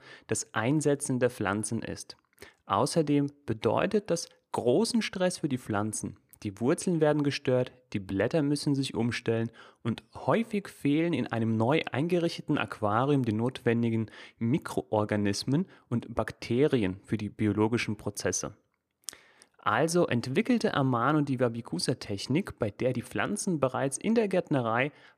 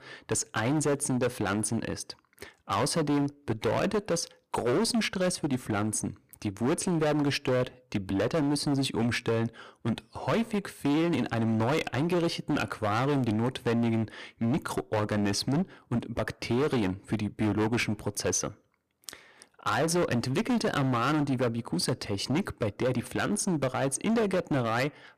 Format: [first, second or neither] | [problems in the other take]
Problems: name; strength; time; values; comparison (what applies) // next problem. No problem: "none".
first | distortion; heavy; 16% of the sound clipped